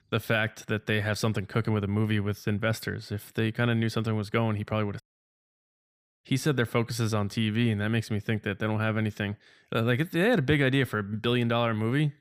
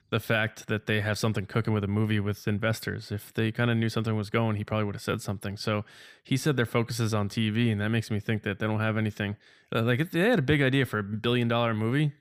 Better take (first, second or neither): second